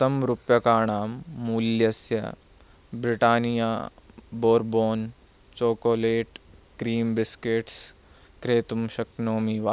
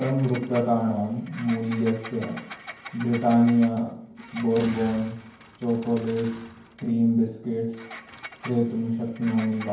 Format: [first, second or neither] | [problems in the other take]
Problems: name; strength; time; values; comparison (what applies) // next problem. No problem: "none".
first | background sound (Engine); 18 dB below the speech // room echo; dies away in 0.9 s